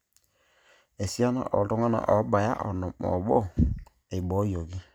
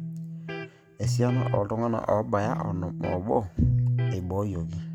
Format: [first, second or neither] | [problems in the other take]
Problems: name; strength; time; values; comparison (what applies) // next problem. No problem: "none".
first | background sound (Electric guitar); 1 dB below the speech